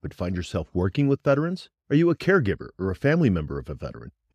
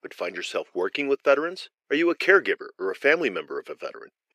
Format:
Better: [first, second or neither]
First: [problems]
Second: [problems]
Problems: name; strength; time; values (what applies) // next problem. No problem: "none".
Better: first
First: none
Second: thin; very; fading below 400 Hz